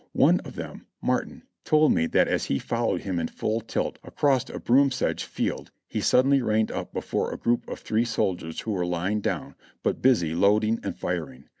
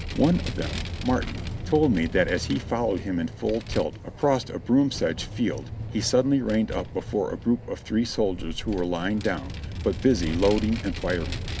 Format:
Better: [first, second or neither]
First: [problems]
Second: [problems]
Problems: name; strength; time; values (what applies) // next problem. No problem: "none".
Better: first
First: none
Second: background sound (Vehicle); 8 dB below the speech